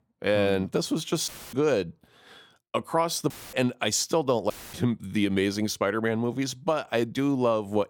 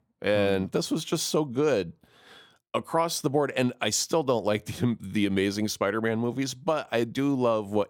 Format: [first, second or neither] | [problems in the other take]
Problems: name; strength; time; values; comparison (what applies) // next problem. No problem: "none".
second | audio cutting out; filled with static; at 1.5 s, at 3.5 s and at 4.5 s